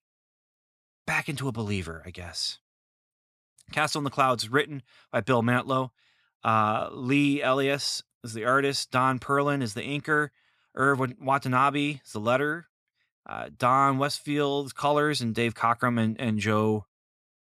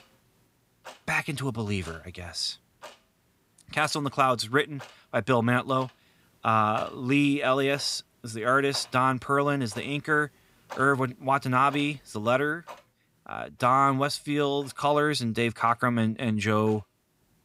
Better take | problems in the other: first | household noises; faint; throughout; 25 dB below the speech

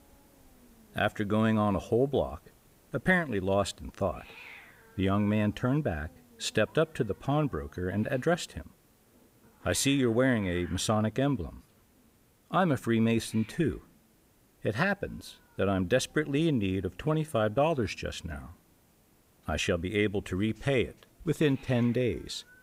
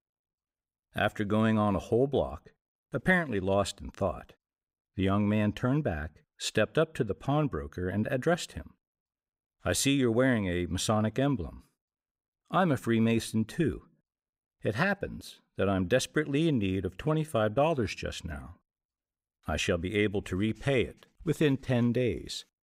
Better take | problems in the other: second | hiss; faint; throughout; 25 dB below the speech

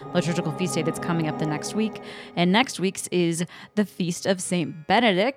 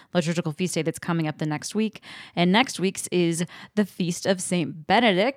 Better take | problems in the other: second | background music; loud; throughout; 9 dB below the speech

